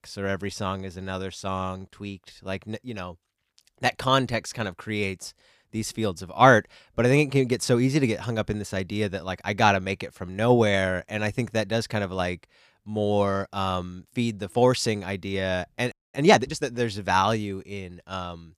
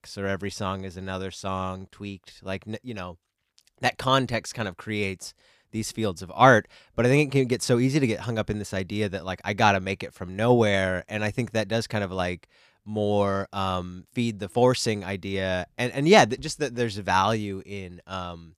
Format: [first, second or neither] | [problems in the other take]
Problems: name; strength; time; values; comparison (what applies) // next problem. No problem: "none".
second | audio freezing; at 16 s